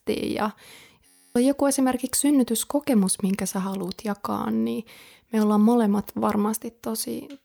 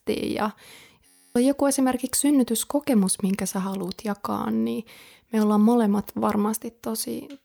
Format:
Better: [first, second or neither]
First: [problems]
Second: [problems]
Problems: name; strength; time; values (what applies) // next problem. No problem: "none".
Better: neither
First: audio freezing; at 1 s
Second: audio freezing; at 1 s